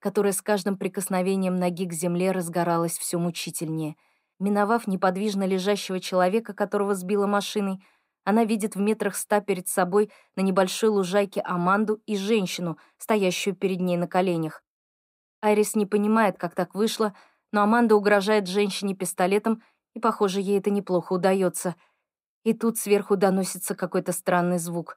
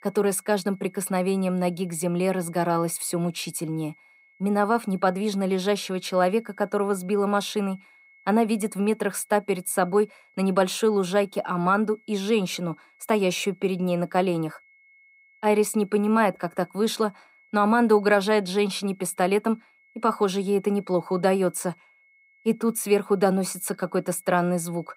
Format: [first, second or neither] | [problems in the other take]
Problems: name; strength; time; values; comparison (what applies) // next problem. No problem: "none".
first | high-pitched whine; faint; throughout; 2 kHz, 30 dB below the speech